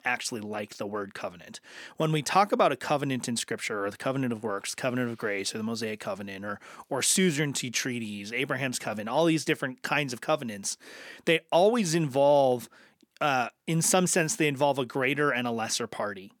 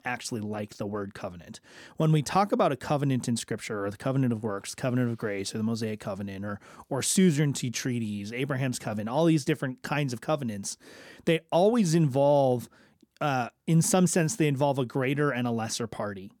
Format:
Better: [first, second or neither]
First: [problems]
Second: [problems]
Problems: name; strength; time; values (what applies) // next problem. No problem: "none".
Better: second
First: thin; very slightly; fading below 750 Hz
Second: none